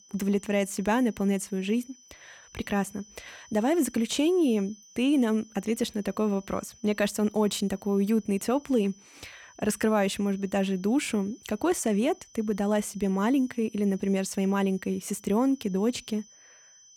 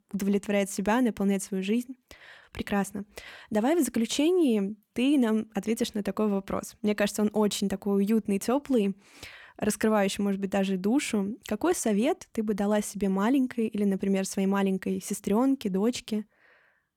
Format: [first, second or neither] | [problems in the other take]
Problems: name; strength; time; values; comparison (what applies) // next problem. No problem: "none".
second | high-pitched whine; faint; throughout; 6 kHz, 25 dB below the speech